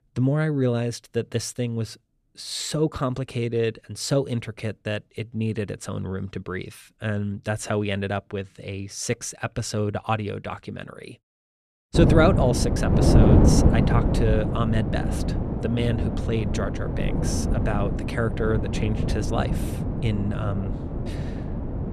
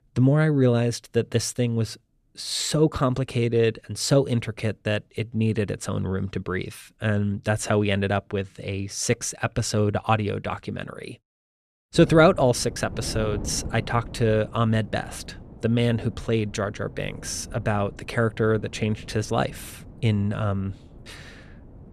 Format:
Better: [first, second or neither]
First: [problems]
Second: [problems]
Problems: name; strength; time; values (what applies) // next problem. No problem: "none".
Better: second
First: wind noise on the microphone; heavy; from 12 s on; 2 dB below the speech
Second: wind noise on the microphone; occasional gusts; from 12 s on; 20 dB below the speech